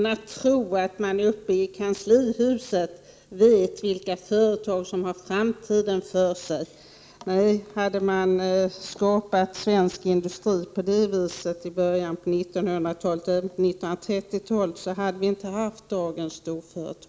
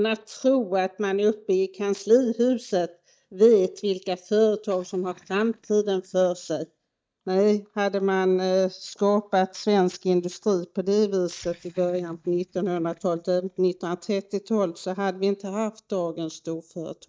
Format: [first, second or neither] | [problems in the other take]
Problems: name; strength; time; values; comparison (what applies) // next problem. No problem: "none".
first | noise reduction (neural mask model DeepFilterNet 3)